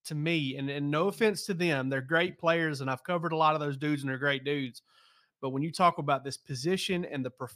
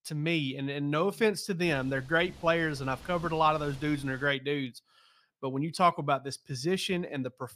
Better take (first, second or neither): first